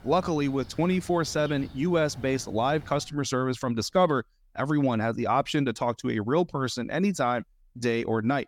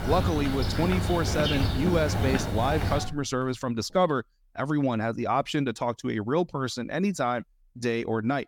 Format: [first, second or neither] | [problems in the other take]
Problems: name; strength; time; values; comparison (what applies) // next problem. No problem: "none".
first | animal sounds; loud; until 3.5 s; 1 dB below the speech; faint in the first